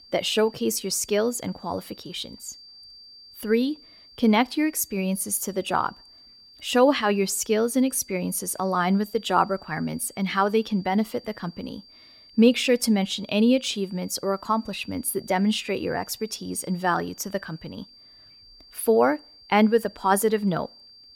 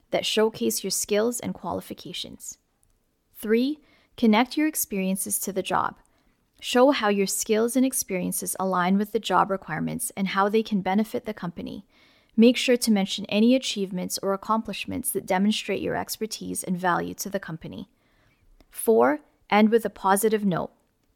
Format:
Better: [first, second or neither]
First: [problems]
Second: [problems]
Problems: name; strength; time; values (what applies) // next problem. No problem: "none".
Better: second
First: high-pitched whine; faint; throughout; 4.5 kHz, 25 dB below the speech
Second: none